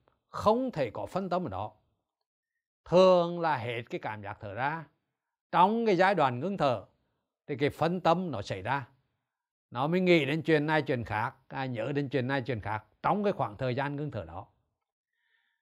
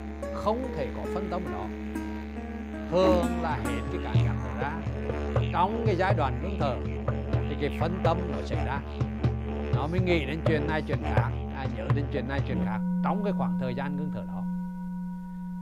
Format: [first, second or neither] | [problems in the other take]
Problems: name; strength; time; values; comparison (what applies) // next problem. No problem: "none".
first | background music; very loud; throughout; 1 dB above the speech